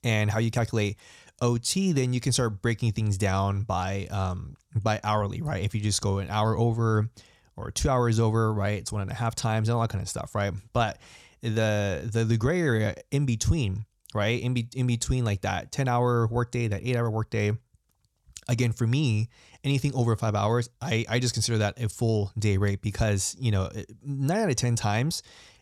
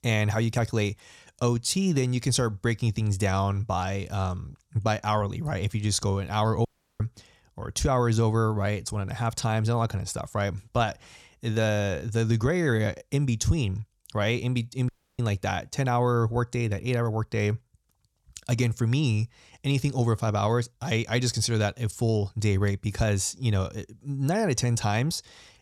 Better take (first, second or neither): first